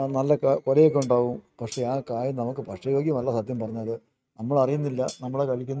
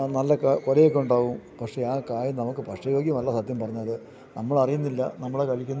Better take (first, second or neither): second